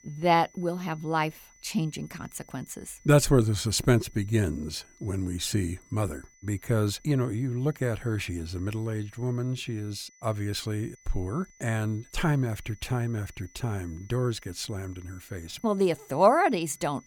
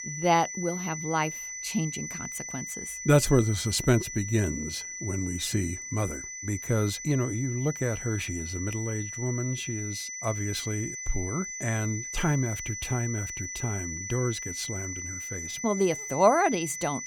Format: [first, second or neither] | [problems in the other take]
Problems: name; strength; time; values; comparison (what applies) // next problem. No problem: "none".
first | high-pitched whine; loud; throughout; 6 kHz, 6 dB below the speech; faint in the first